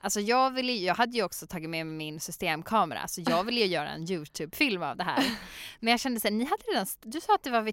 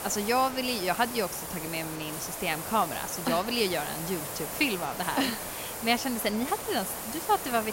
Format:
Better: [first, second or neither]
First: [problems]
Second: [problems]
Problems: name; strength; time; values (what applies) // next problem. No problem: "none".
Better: first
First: none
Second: hiss; loud; throughout; 6 dB below the speech